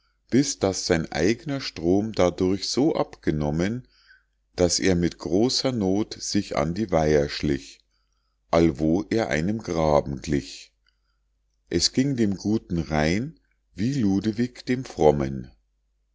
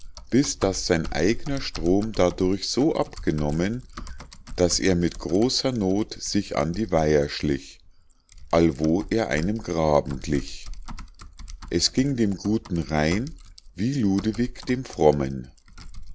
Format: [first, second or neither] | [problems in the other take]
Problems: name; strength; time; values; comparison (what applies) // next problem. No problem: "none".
first | background sound (Typing); 13 dB below the speech